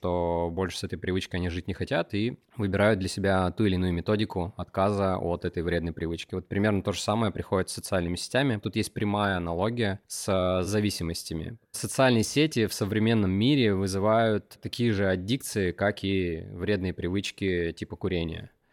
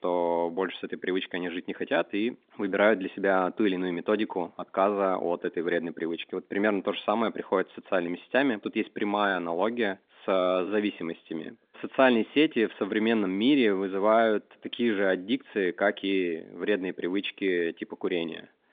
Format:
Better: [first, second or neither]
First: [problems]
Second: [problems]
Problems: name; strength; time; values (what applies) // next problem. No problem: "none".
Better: first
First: none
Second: phone-call audio